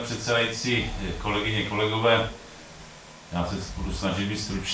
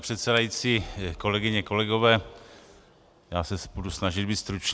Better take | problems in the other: second | background sound (Vehicle); 19 dB below the speech // room echo; dies away in 0.3 s

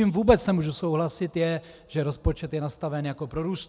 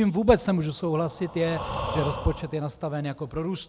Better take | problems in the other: first | background sound (Breathing); 10 dB below the speech

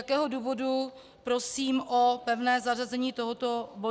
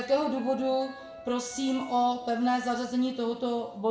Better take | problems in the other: first | background sound (Wind instrument, woodwind instrument); 18 dB below the speech // room echo; dies away in 0.7 s

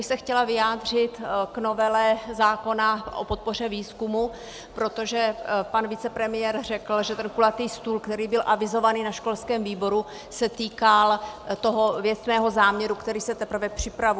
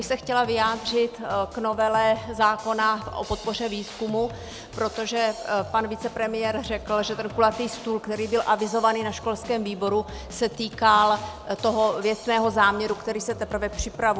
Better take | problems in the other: first | background sound (Drum kit); 17 dB below the speech

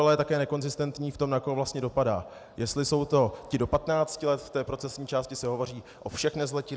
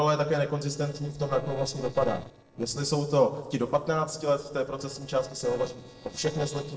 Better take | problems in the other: first | noise reduction (neural separator model SepFormer DNS4)

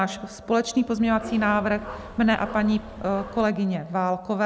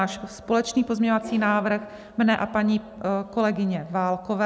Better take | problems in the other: second | background sound (Dog); 16 dB below the speech

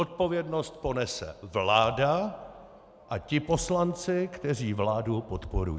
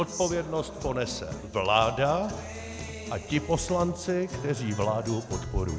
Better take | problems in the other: first | background sound (Guitar); 10 dB below the speech

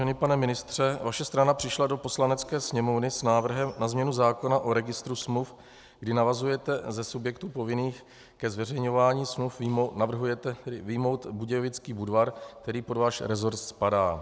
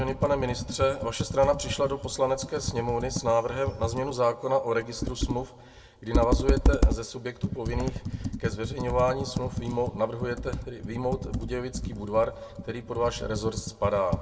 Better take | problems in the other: first | background sound (Computer keyboard); 2 dB below the speech // room echo; dies away in 1.1 s

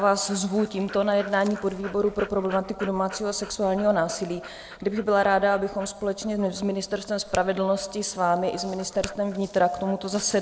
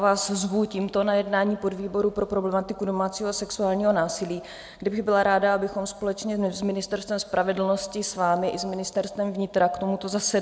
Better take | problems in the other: second | background sound (Finger snapping + Dog); 19 dB below the speech

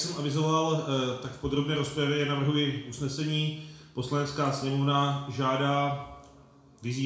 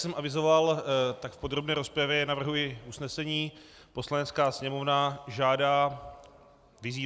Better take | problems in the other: second | room echo; dies away in 0.6 s

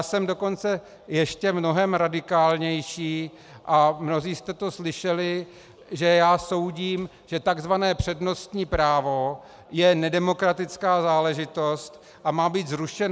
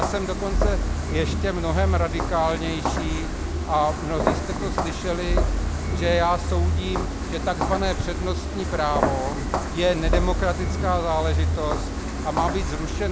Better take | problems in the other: first | background sound (Walk, footsteps); 2 dB above the speech

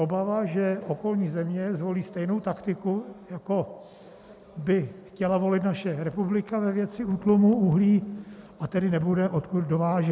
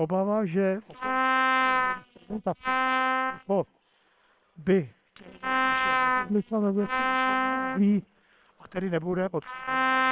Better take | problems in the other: first | noise reduction (neural separator model SepFormer WHAM!)

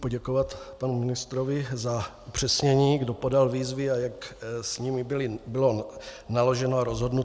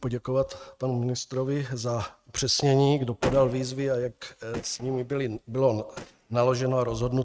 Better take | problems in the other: first | noise reduction (neural mask model RNNoise)

